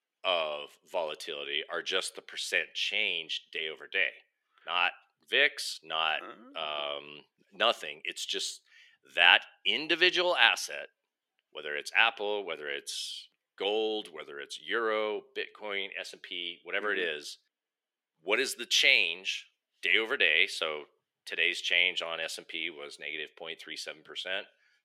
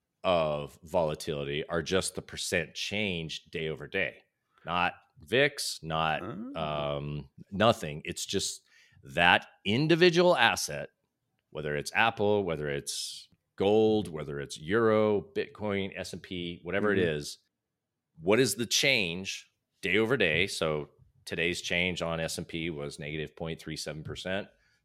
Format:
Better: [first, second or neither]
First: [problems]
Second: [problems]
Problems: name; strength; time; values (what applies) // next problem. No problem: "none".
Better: second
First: thin; very; fading below 350 Hz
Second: none